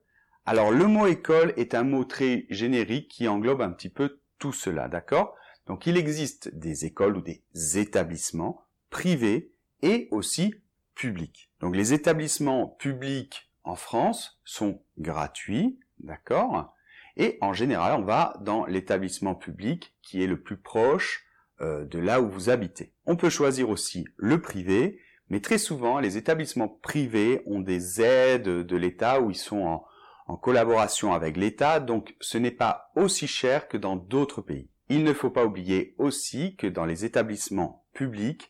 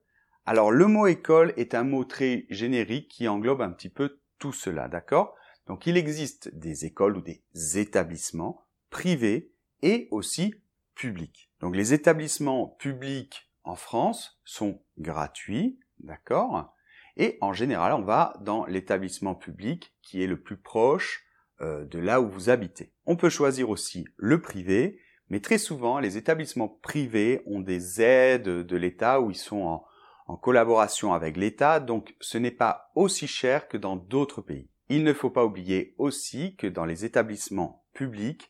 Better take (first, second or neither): second